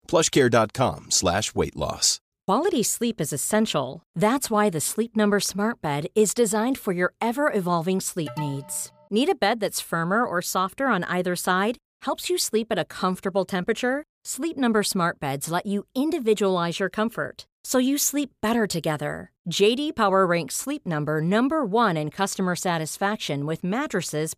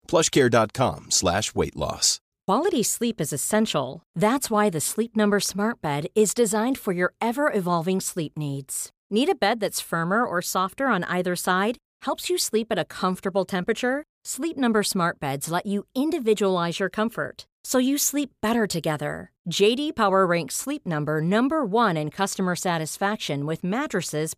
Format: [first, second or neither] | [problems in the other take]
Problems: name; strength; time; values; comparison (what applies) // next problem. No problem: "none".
second | alarm; faint; at 8.5 s; peak 10 dB below the speech